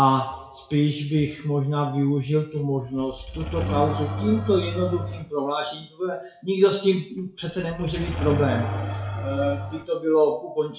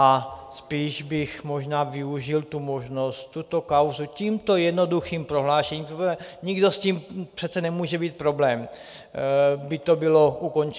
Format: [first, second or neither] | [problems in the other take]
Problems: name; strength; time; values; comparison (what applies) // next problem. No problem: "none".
second | noise reduction (classical method WPE with log-MMSE)